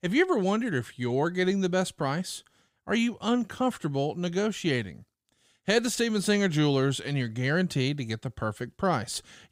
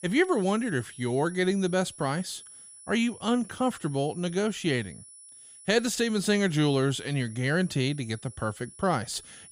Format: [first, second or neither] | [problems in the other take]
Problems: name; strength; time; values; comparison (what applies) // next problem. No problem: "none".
first | high-pitched whine; noticeable; throughout; 10 kHz, 20 dB below the speech